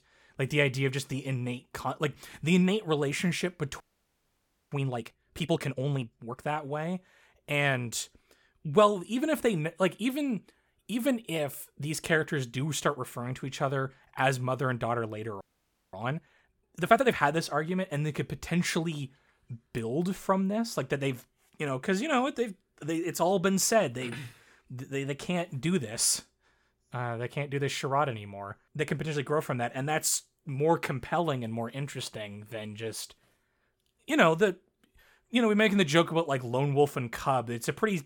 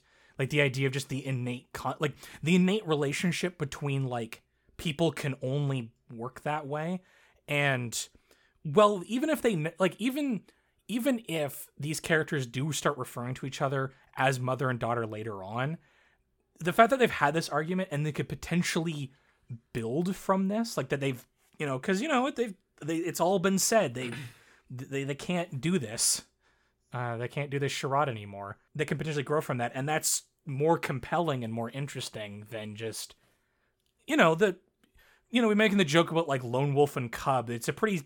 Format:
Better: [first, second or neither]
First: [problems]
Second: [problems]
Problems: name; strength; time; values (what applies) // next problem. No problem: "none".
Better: second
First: audio freezing; at 4 s for 1 s and at 15 s for 0.5 s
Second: none